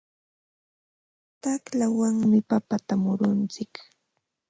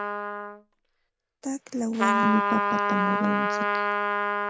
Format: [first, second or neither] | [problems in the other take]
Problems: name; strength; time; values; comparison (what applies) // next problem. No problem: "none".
first | background sound (Trumpet); 4 dB above the speech